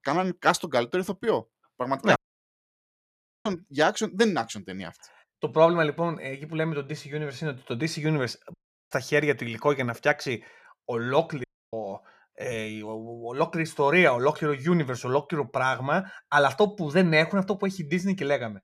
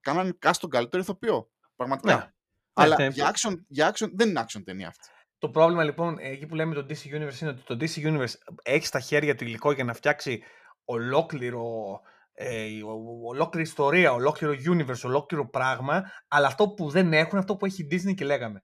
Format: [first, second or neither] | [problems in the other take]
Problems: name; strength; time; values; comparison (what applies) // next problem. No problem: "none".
second | audio cutting out; at 2 s for 1.5 s, at 8.5 s and at 11 s